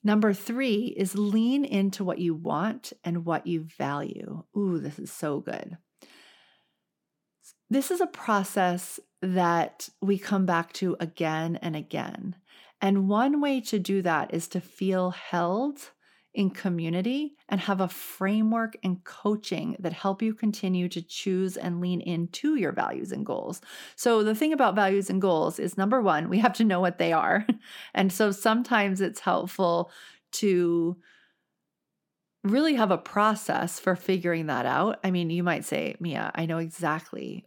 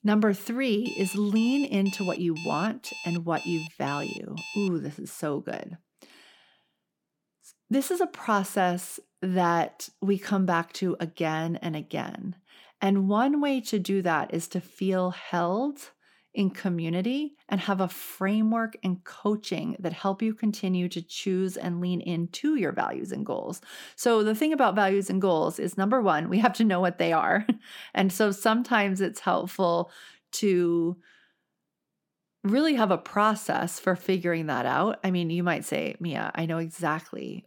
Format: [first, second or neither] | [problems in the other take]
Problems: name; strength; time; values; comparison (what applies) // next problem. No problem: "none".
first | alarm; noticeable; from 1 to 4.5 s; peak 10 dB below the speech